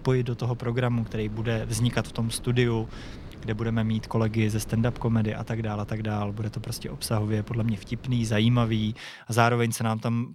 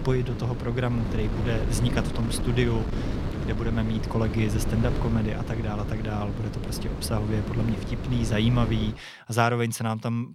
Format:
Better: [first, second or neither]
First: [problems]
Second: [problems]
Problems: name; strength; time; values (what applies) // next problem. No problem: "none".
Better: first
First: wind noise on the microphone; occasional gusts; until 9 s; 20 dB below the speech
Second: wind noise on the microphone; heavy; until 9 s; 6 dB below the speech